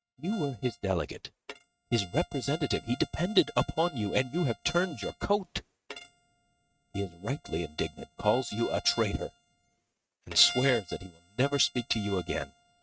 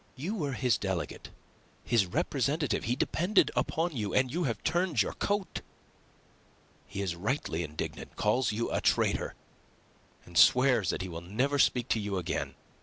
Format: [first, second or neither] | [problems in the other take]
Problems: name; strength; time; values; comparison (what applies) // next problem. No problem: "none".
second | noise reduction (neural mask model RNNoise)